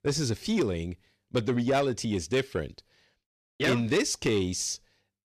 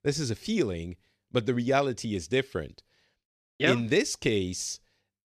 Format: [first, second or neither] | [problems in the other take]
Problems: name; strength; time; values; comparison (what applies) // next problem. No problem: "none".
second | distortion; slight; 10 dB below the speech